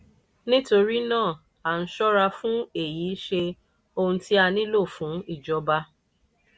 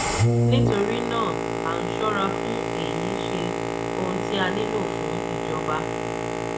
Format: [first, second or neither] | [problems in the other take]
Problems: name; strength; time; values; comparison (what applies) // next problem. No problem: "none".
first | background sound (Boat, Water vehicle); 5 dB above the speech // room echo; dies away in 0.5 s